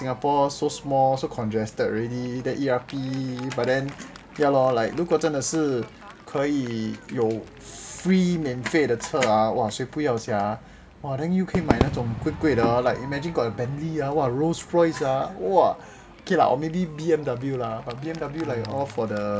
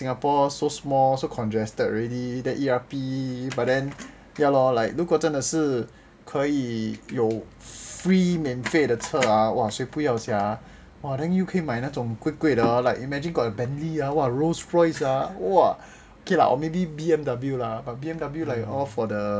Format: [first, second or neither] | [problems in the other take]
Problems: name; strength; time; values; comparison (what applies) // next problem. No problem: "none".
second | background sound (Crowd / Fireworks); 13 dB below the speech